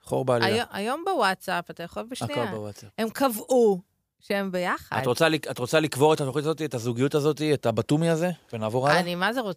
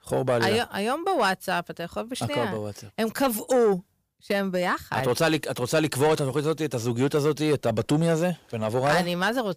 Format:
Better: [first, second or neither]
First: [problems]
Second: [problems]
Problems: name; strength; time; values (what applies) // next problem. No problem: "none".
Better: first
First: none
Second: distortion; slight; 10 dB below the speech